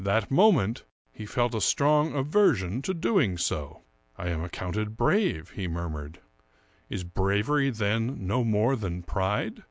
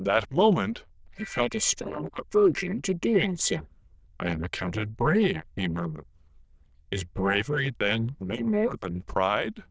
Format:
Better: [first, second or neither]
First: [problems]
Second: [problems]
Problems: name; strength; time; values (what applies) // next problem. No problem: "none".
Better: first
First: none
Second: noise reduction (neural diffusion model UNIVERSE++)